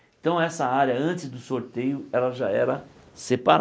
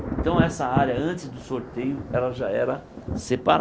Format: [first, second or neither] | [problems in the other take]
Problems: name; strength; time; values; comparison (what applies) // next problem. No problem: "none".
first | background sound (Thunder); 4 dB below the speech